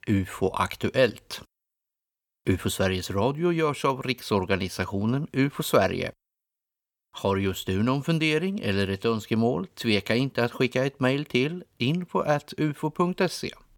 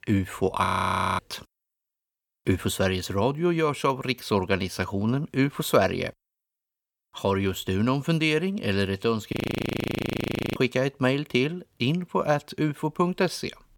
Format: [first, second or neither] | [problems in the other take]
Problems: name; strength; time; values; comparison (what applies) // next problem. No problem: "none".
first | audio freezing; at 0.5 s for 0.5 s and at 9.5 s for 1 s